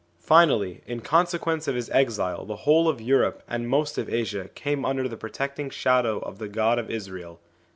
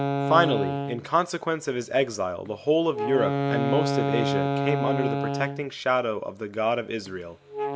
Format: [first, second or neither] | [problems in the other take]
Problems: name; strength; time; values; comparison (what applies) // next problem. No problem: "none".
first | background sound (Wind instrument, woodwind instrument); 2 dB below the speech